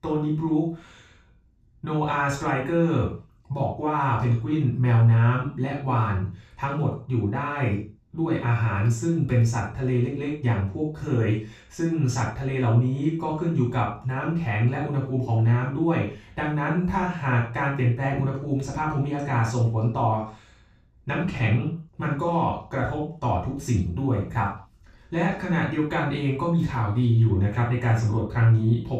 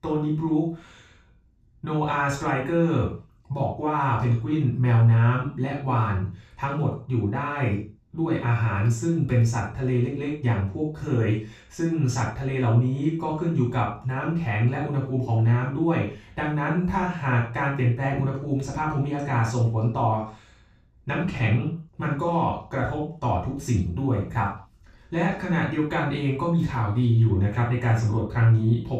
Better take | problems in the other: neither | room echo; noticeable; dies away in 0.3 s; the same in both // off-mic speech; far; the same in both

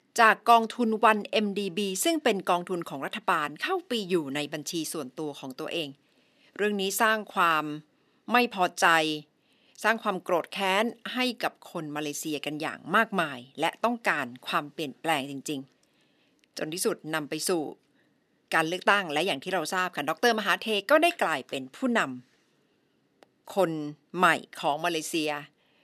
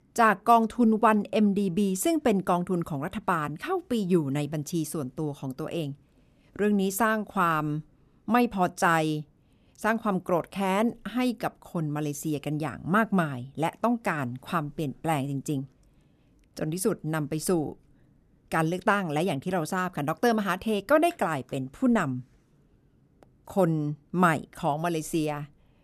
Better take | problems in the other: second | thin; somewhat; fading below 300 Hz

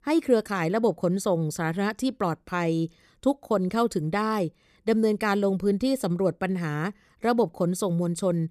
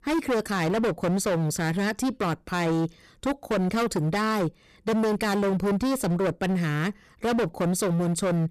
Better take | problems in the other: first | distortion; heavy; 28% of the sound clipped

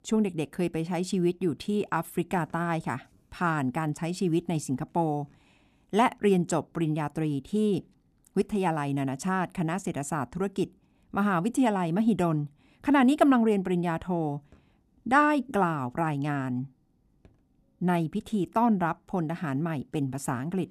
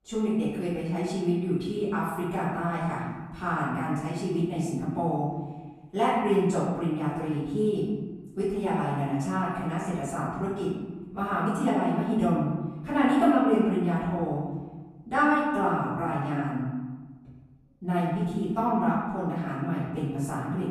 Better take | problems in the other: first | off-mic speech; far // room echo; strong; dies away in 1.2 s

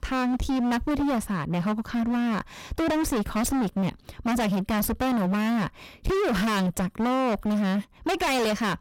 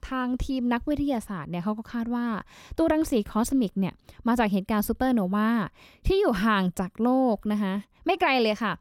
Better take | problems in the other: second | distortion; heavy; 39% of the sound clipped

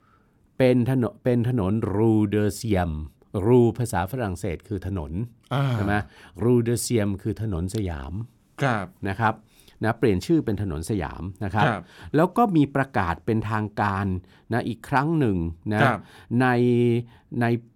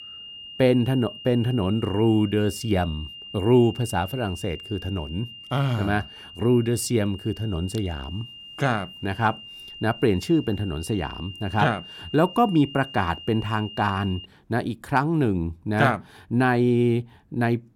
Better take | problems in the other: first | high-pitched whine; noticeable; until 14 s; 3 kHz, 15 dB below the speech

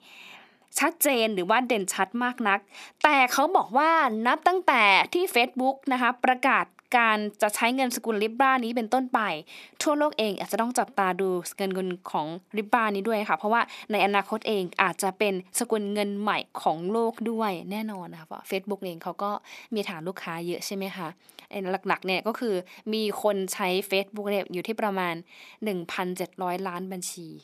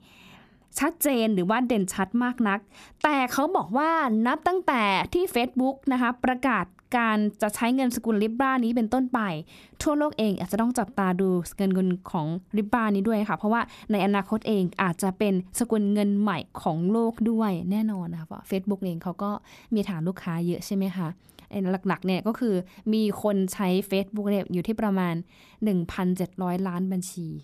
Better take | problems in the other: second | thin; somewhat; fading below 350 Hz

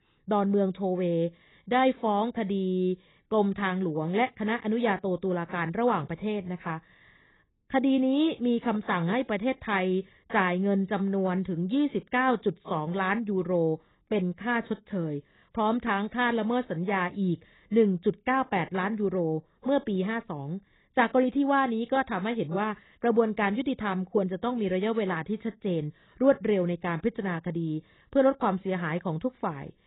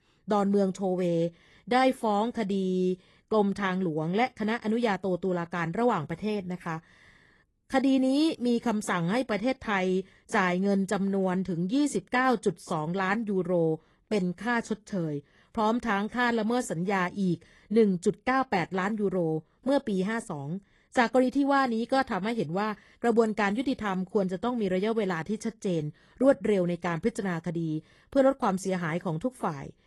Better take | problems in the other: second | garbled, watery; badly; nothing above 4 kHz; slightly in the second

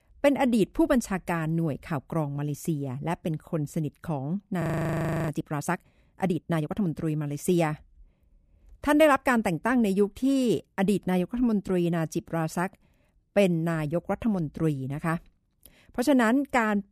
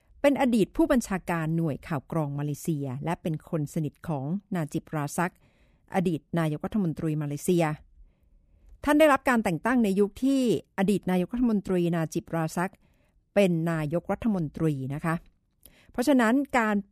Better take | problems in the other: second | audio freezing; at 4.5 s for 0.5 s

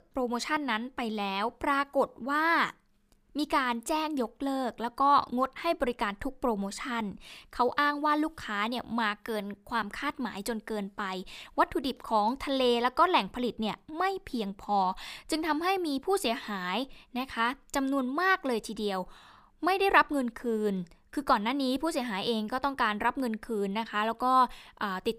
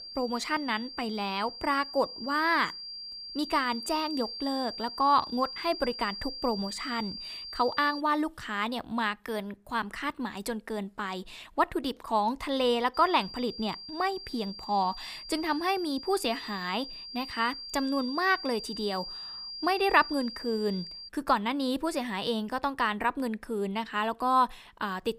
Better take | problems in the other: first | high-pitched whine; loud; until 8 s and from 13 to 21 s; 4.5 kHz, 9 dB below the speech

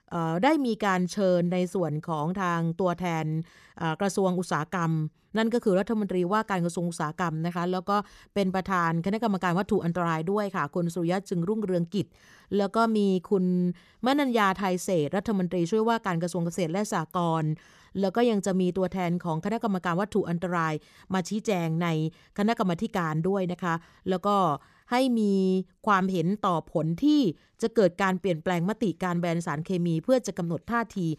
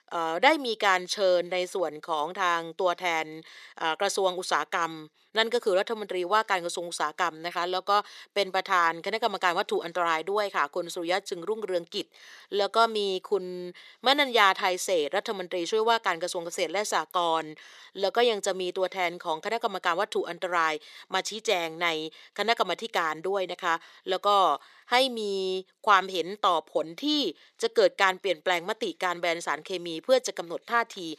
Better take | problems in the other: first | thin; very; fading below 400 Hz

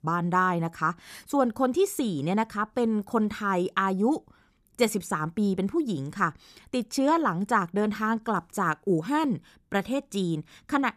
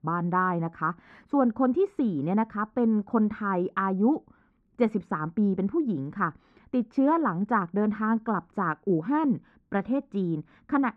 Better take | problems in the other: first | muffled; very; fading above 1.5 kHz

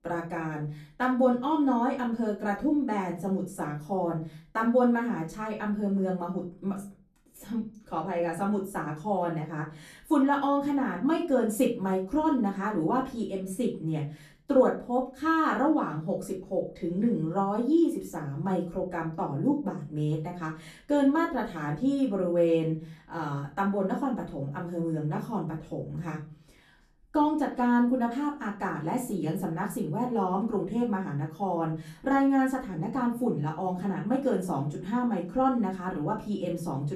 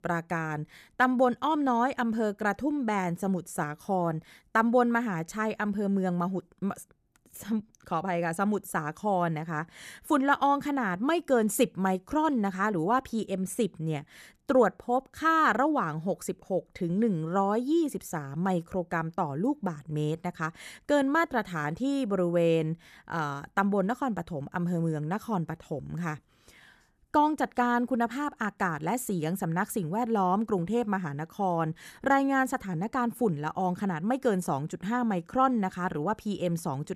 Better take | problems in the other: second | off-mic speech; far // room echo; slight; dies away in 0.3 s

